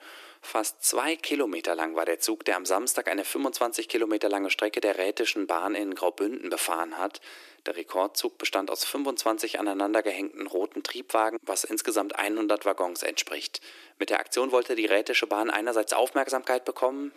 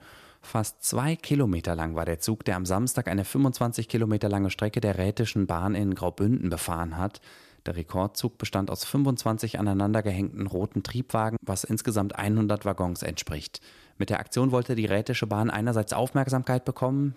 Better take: second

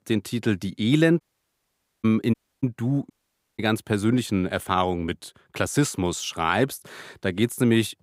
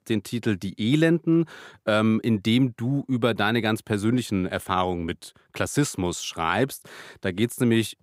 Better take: second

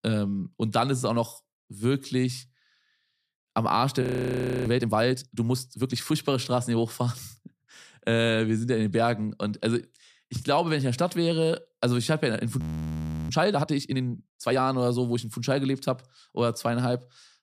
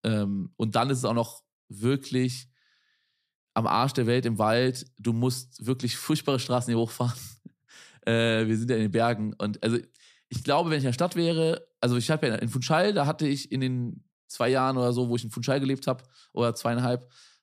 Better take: second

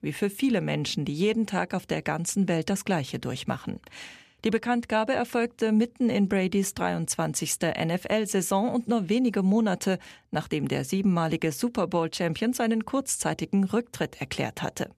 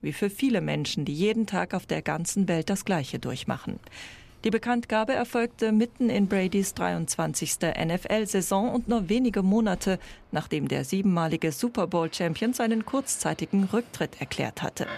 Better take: first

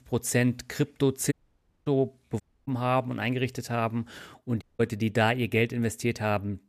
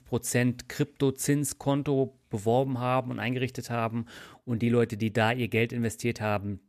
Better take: second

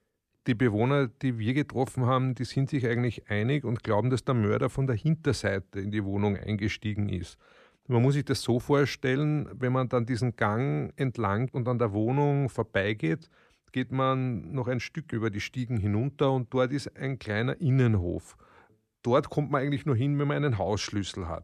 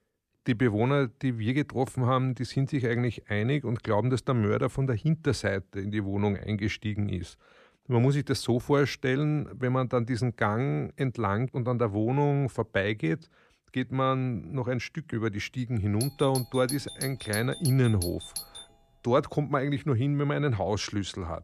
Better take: first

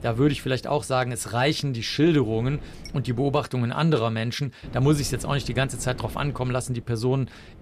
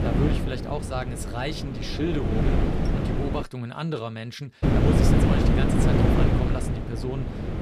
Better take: first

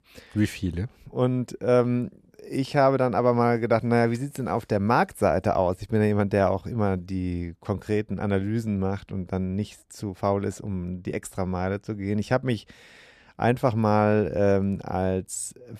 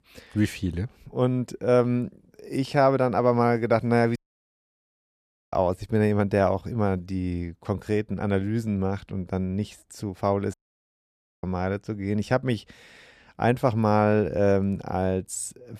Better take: first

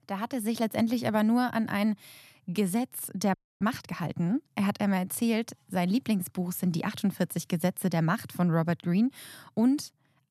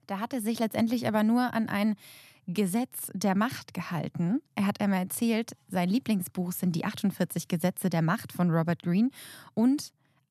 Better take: second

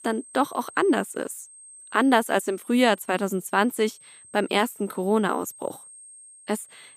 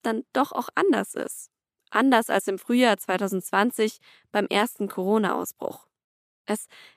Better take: second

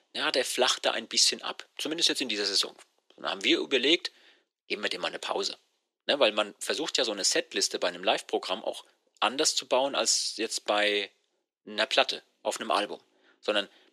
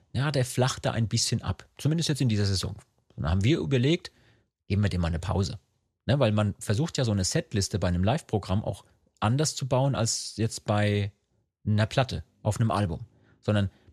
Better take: second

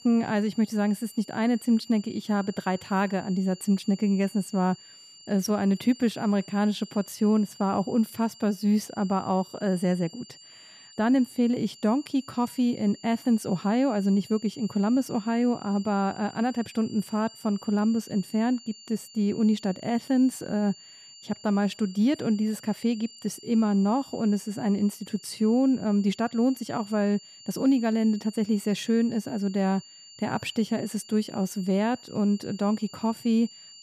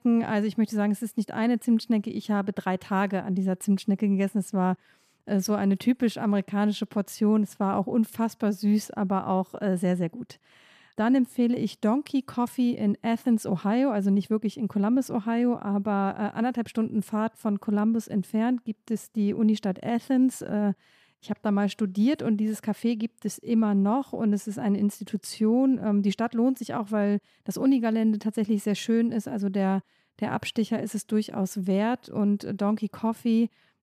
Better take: second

